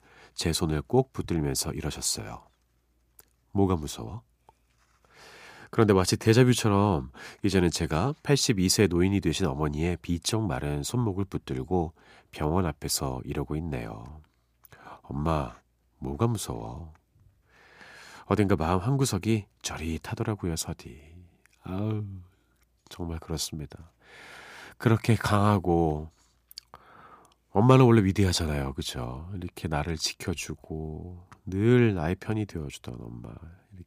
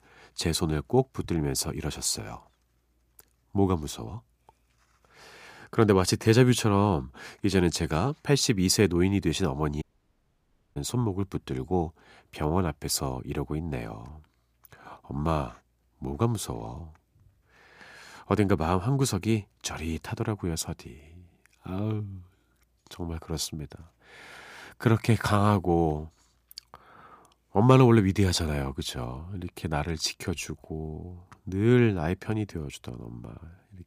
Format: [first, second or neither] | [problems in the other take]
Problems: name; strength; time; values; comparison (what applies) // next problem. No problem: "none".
first | audio cutting out; at 10 s for 1 s